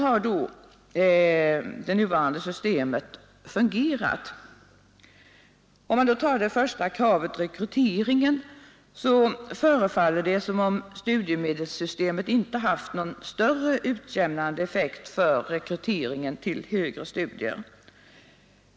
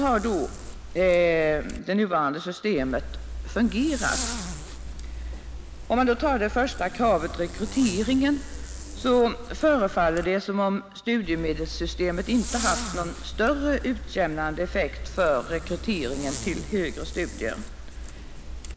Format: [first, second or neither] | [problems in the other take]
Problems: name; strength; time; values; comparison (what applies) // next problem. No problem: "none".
first | background sound (Zipper (clothing)); 9 dB below the speech